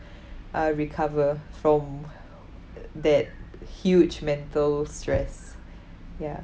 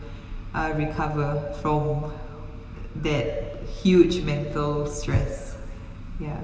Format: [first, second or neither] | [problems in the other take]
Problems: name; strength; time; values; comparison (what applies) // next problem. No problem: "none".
first | room echo; dies away in 1.9 s